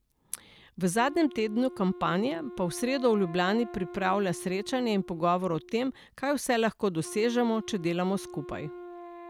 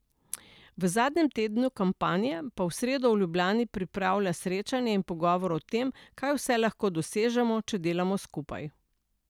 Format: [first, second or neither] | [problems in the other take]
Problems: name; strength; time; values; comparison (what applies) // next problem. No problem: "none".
second | background sound (Wind instrument, woodwind instrument); 16 dB below the speech